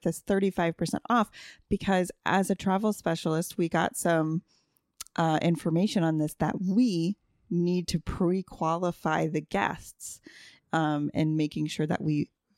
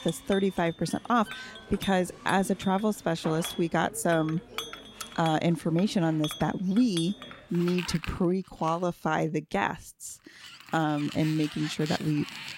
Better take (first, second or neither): first